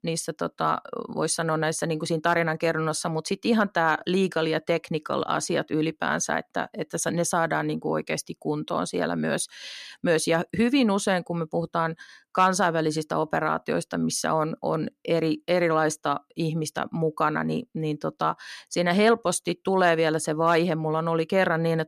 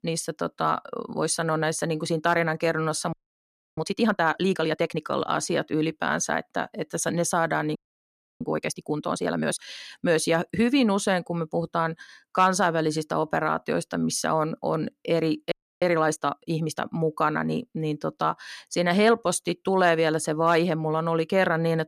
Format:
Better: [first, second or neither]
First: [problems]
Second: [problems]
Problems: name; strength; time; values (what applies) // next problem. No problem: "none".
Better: first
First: none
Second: audio freezing; at 3 s for 0.5 s, at 8 s for 0.5 s and at 16 s